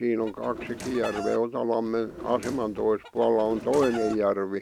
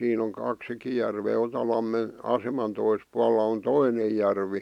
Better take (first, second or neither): second